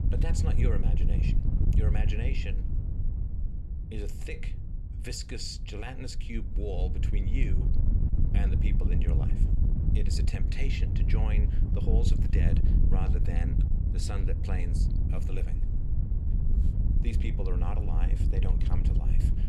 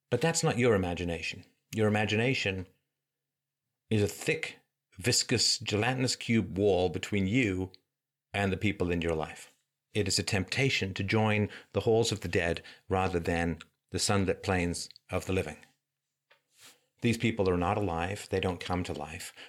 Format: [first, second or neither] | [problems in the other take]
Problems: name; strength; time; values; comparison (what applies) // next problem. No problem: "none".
second | wind noise on the microphone; heavy; 2 dB below the speech